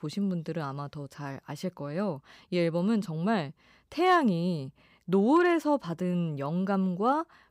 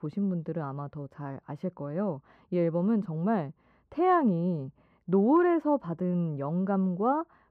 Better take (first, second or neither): first